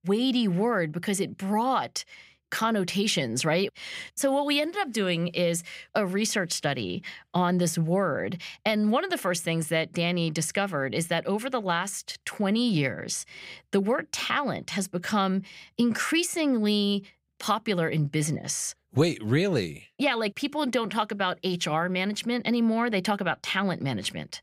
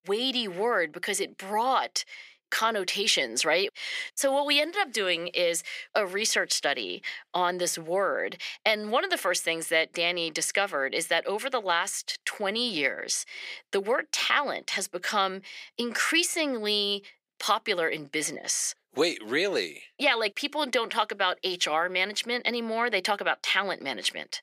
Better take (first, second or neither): first